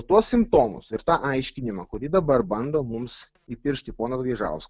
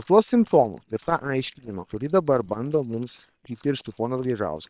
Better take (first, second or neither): first